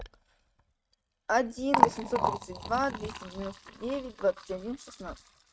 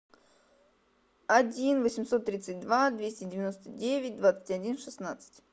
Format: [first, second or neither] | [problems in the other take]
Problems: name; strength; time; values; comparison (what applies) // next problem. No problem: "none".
second | noise reduction (neural mask model RNNoise)